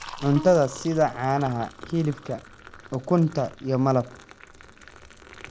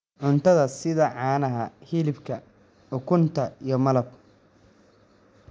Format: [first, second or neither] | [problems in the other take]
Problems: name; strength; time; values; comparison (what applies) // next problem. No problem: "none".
second | background sound (Liquid + Bowed string instrument); 17 dB below the speech